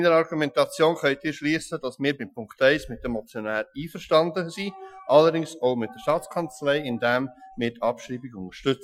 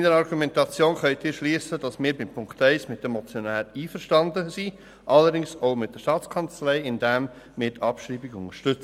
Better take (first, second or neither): second